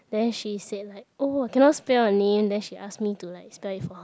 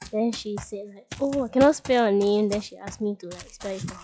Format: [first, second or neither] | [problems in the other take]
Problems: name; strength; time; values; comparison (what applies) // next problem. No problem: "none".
first | noise reduction (classical method log-MMSE)